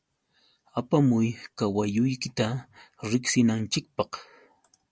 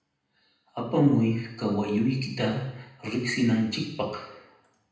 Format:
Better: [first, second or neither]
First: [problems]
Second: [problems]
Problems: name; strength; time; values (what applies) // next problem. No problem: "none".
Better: first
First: none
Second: room echo; dies away in 0.8 s